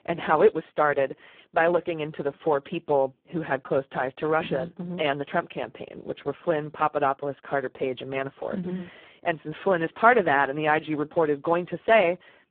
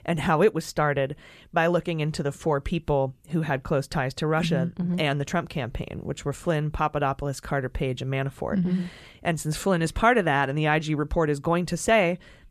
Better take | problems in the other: second | phone-call audio; poor line

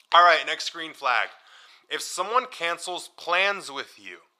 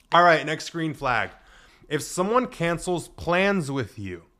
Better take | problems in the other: second | thin; very; fading below 700 Hz

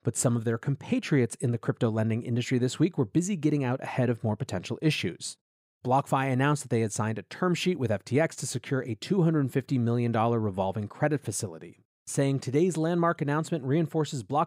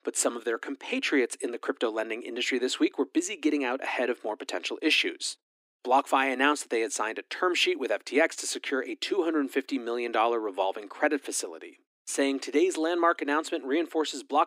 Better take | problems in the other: first | thin; somewhat; fading below 250 Hz

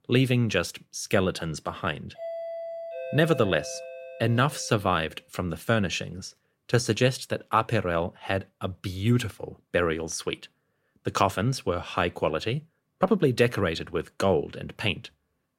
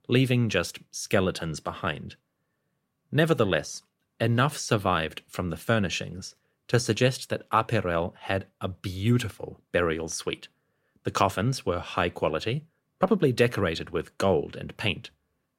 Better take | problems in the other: second | doorbell; noticeable; from 2 to 5 s; peak 8 dB below the speech

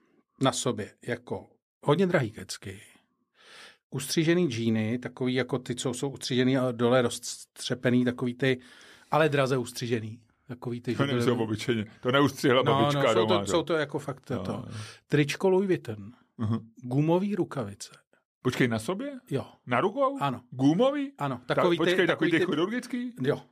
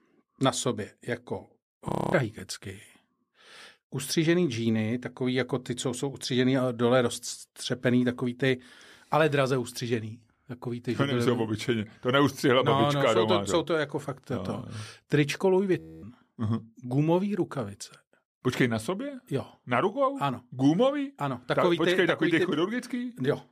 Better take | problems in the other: first | audio freezing; at 2 s and at 16 s

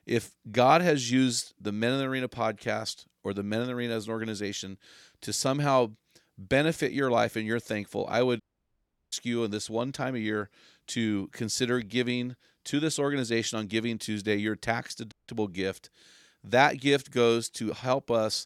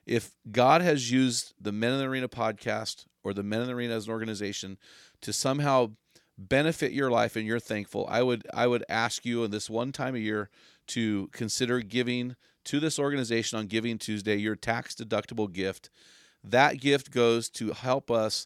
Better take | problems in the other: second | audio cutting out; at 8.5 s for 0.5 s and at 15 s

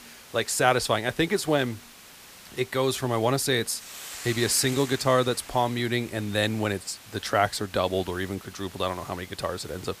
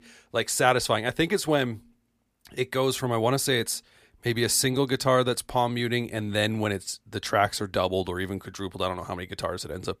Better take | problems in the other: second | hiss; noticeable; throughout; 15 dB below the speech

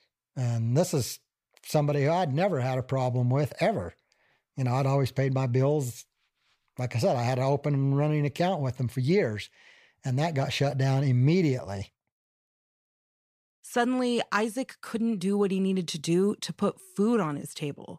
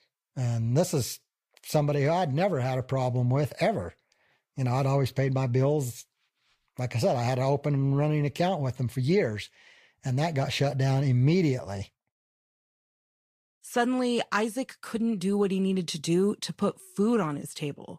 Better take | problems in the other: first | garbled, watery; slightly; nothing above 15 kHz

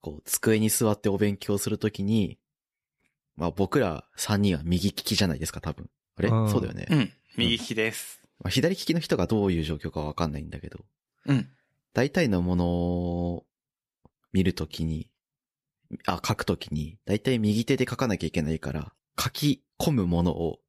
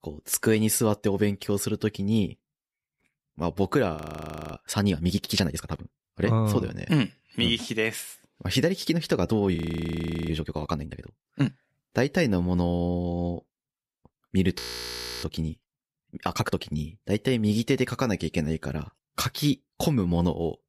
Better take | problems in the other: first | audio freezing; at 4 s for 0.5 s, at 9.5 s for 0.5 s and at 15 s for 0.5 s

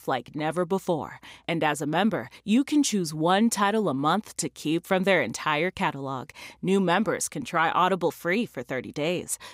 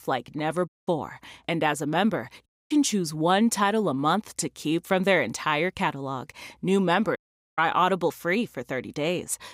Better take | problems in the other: first | audio cutting out; at 0.5 s, at 2.5 s and at 7 s

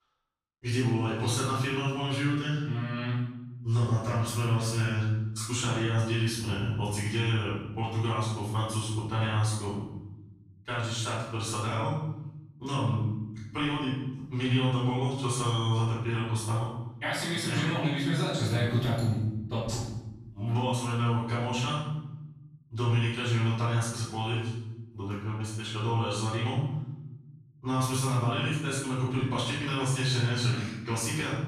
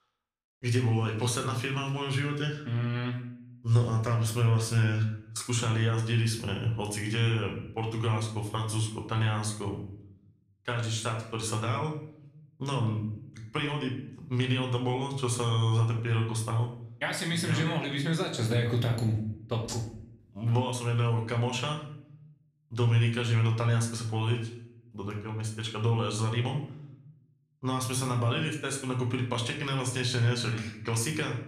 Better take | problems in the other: second | room echo; strong; dies away in 1 s; slight in the second // off-mic speech; far; somewhat distant in the second

